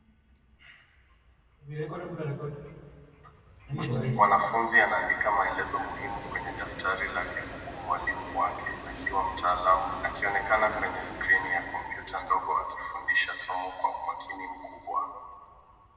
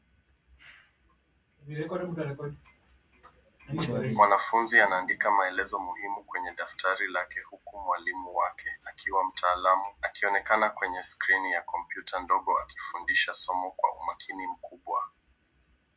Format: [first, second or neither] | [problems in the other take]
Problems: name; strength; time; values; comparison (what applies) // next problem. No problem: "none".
second | background sound (Train); 15 dB below the speech // room echo; dies away in 2 s